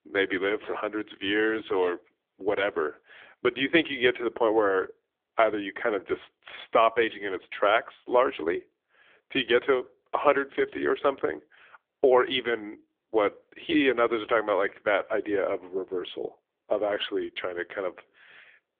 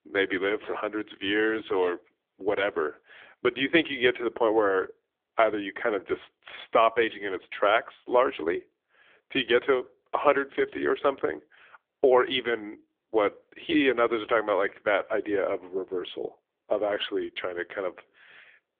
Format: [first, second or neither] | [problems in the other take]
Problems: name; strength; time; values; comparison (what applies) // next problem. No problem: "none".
neither | phone-call audio; poor line; nothing above 3.5 kHz; the same in both